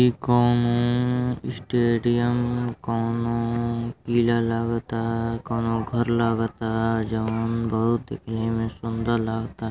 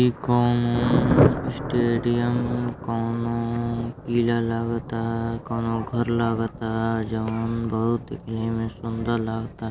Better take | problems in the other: first | background sound (Thunder); 6 dB below the speech

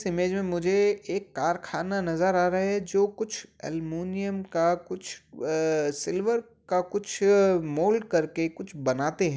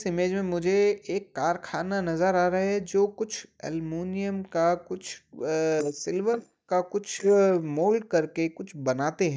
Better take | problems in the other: first | noise reduction (neural mask model DeepFilterNet 3)

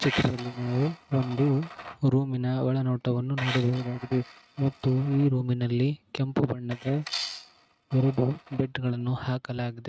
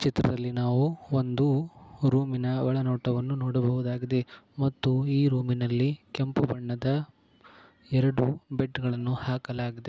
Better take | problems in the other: second | noise reduction (neural mask model RNNoise)

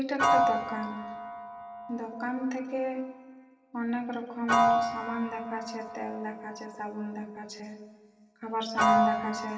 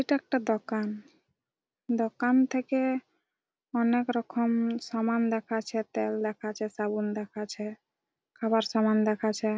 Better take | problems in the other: second | background sound (Piano); 3 dB above the speech // room echo; dies away in 2.6 s

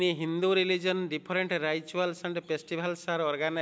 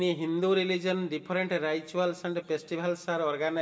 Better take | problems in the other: first | room echo; dies away in 2 s

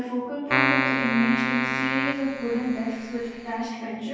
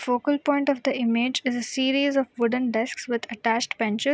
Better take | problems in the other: second | background sound (Keyboard (musical)); as loud as the speech // room echo; dies away in 1.3 s

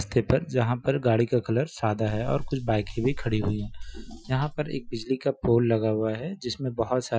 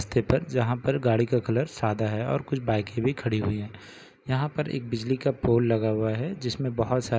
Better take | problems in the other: second | noise reduction (classical method Wiener filter)

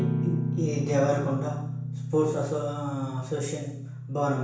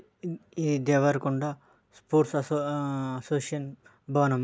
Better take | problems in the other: second | background sound (Guitar); 2 dB below the speech // room echo; dies away in 0.7 s

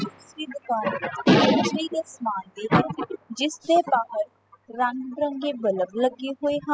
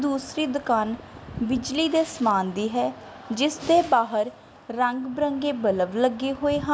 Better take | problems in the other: second | noise reduction (classical method spectral subtraction)

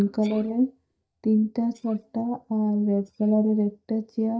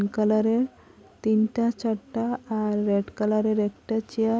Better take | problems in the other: second | noise reduction (neural mask model DeepFilterNet 3)

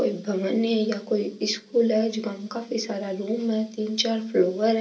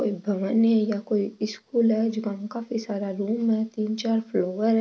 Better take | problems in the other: second | room echo; dies away in 0.2 s

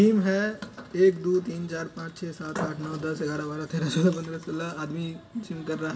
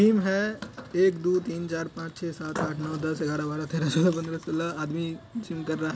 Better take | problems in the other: second | room echo; dies away in 0.6 s

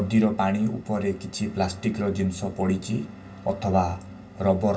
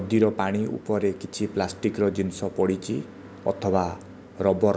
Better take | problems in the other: second | room echo; dies away in 0.1 s

